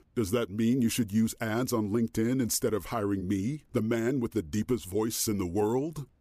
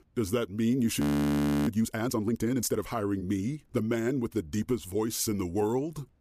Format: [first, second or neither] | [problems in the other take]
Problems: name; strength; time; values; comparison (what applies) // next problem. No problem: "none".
first | audio freezing; at 1 s for 0.5 s